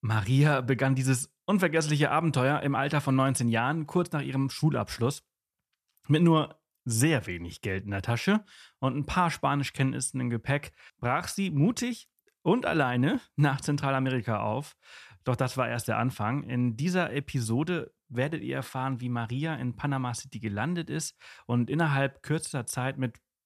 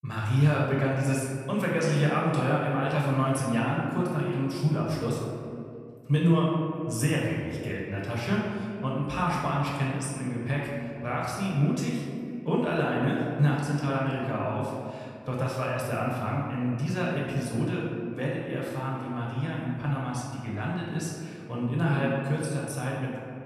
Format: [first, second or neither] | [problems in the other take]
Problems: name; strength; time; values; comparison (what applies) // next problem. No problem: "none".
first | room echo; noticeable; dies away in 2.2 s // off-mic speech; far